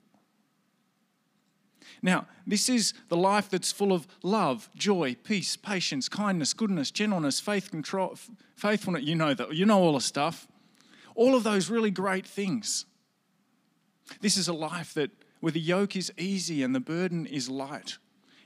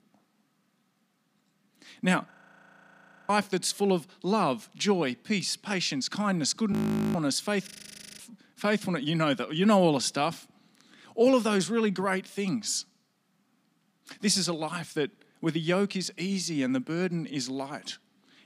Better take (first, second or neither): first